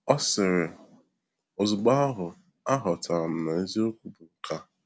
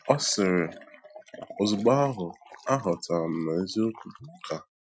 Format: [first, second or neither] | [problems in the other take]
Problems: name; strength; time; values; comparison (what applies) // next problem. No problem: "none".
first | noise reduction (classical method Wiener filter)